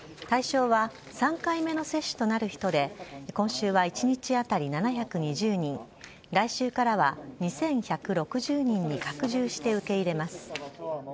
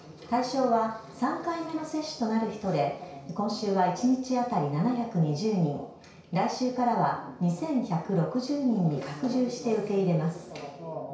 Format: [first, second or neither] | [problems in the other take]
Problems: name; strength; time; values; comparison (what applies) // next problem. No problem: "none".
first | room echo; dies away in 0.6 s